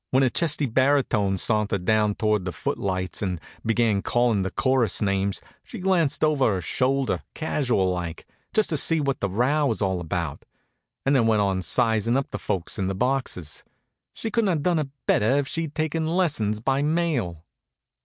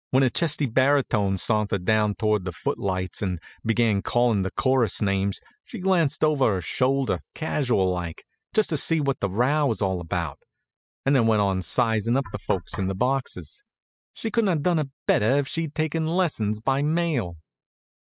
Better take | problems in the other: first | noise reduction (classical method spectral subtraction)

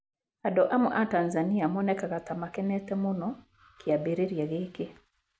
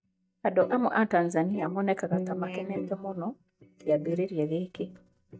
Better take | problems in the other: first | noise reduction (neural mask model DeepFilterNet 3)

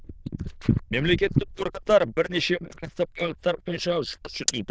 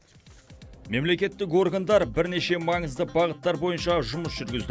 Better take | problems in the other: second | noise reduction (neural diffusion model UNIVERSE++)

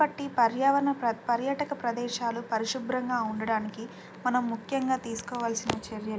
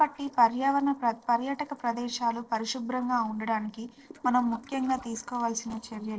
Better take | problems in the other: first | noise reduction (neural separator model SepFormer DNS4)

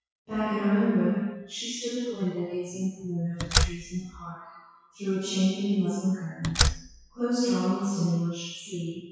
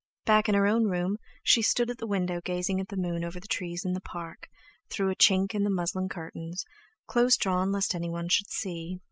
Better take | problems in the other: second | noise reduction (classical method WPE with log-MMSE)

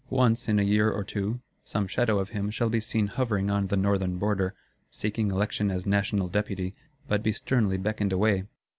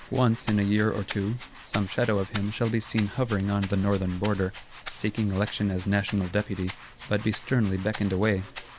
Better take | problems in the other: first | background sound (Rattle (instrument)); 15 dB below the speech

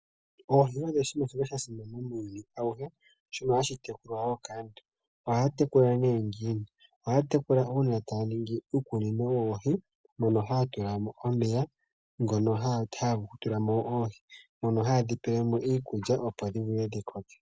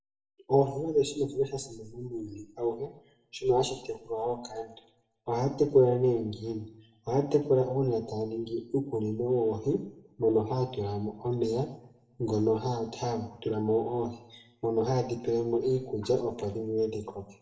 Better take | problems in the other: first | room echo; dies away in 0.6 s

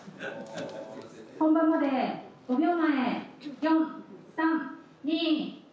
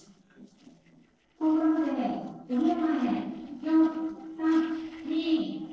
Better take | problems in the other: first | noise reduction (neural separator model SepFormer DNS4)

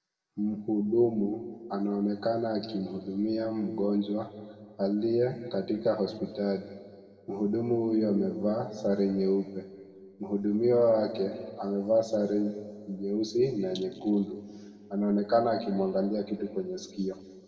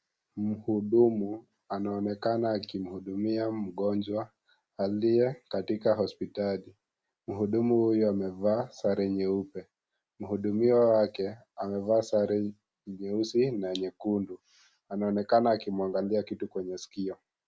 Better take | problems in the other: second | room echo; dies away in 1.9 s

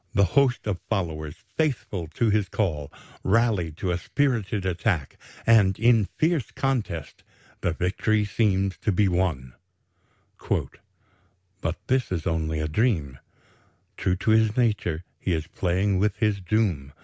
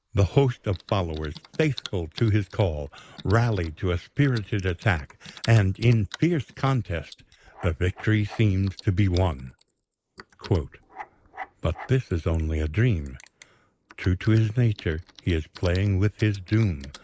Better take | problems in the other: first | noise reduction (neural mask model Resemble Enhance denoiser)

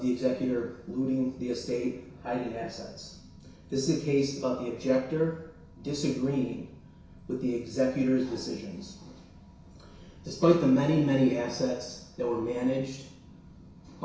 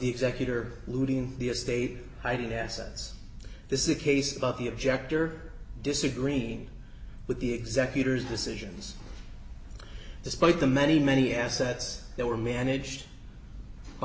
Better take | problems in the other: second | room echo; dies away in 0.6 s

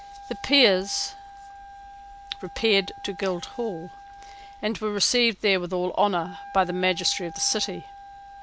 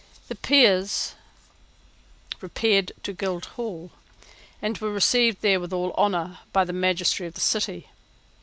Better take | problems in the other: second | background sound (Wind instrument, woodwind instrument); 17 dB below the speech

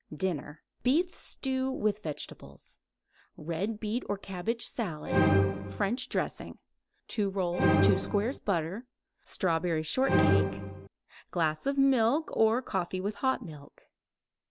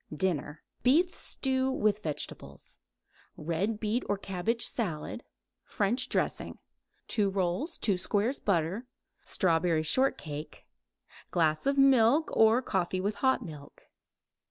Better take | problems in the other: second | background sound (Musical instrument); 1 dB above the speech

